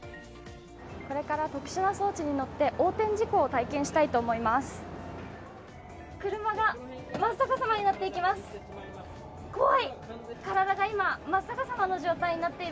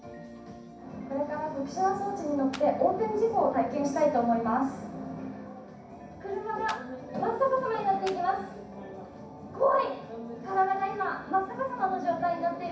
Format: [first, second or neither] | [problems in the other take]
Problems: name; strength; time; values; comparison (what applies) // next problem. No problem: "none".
first | background sound (Clapping); 16 dB below the speech // room echo; dies away in 0.6 s